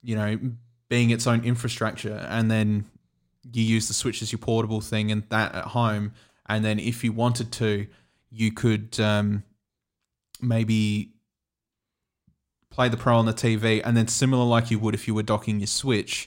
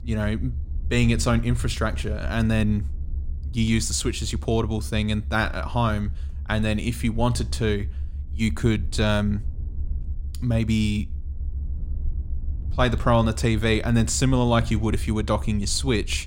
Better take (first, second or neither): first